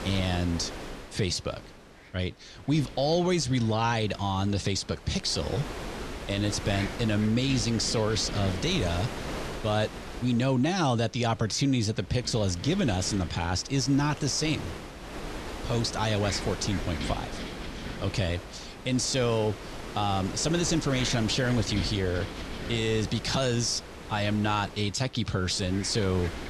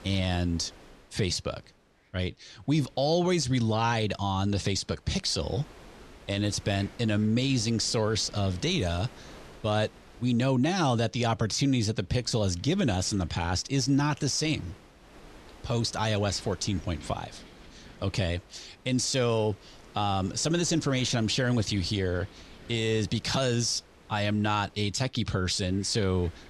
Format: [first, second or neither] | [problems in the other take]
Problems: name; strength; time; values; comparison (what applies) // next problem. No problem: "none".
second | wind noise on the microphone; heavy; 9 dB below the speech; occasional gusts in the second